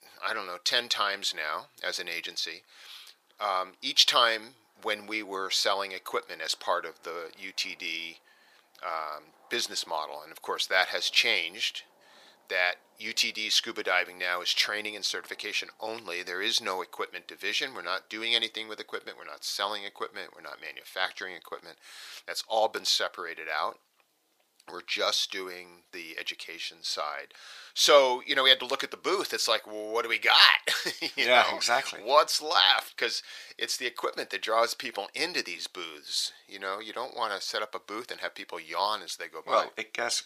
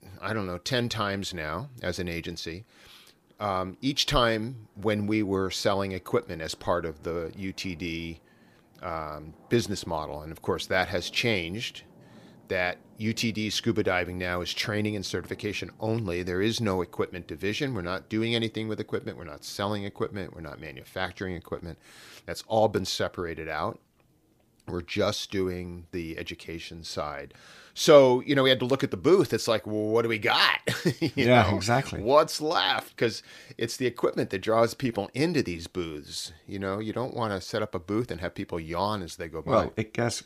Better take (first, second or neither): second